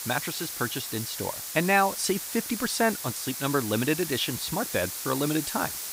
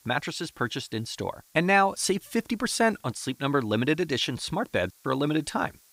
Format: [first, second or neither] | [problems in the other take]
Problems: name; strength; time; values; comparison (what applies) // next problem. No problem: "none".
second | hiss; loud; throughout; 5 dB below the speech; faint in the second